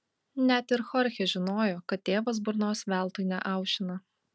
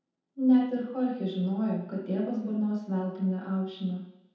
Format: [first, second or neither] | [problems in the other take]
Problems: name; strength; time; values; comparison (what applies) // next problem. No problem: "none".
first | room echo; dies away in 0.8 s